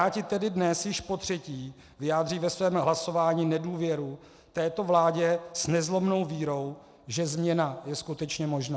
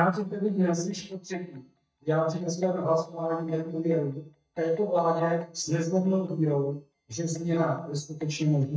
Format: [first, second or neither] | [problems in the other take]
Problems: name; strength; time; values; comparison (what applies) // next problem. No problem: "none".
first | noise reduction (neural mask model DeepFilterNet 3)